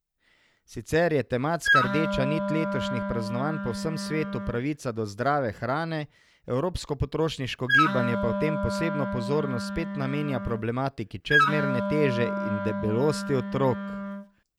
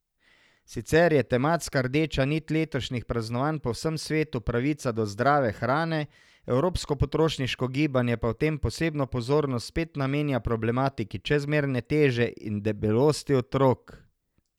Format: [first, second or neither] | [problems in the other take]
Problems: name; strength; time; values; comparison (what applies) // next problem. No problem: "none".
second | background sound (Wind instrument, woodwind instrument); as loud as the speech